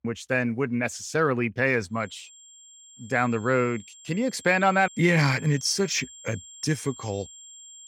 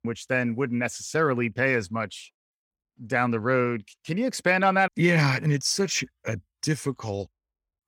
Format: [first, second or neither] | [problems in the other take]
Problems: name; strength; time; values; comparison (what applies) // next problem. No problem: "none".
second | high-pitched whine; noticeable; from 2 s on; 7.5 kHz, 20 dB below the speech